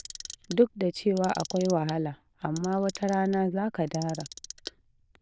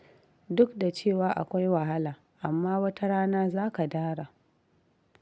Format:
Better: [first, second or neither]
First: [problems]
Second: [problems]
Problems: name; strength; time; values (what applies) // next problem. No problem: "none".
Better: second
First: noise reduction (neural diffusion model UNIVERSE++)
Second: none